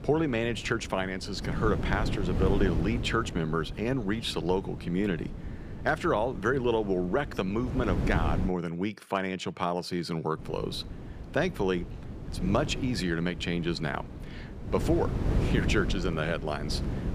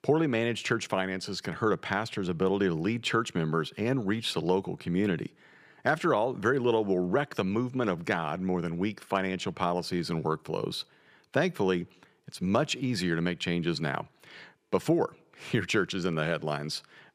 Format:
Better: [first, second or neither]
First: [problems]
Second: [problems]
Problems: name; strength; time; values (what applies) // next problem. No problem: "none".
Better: second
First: wind noise on the microphone; occasional gusts; until 8.5 s and from 10 s on; 10 dB below the speech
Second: none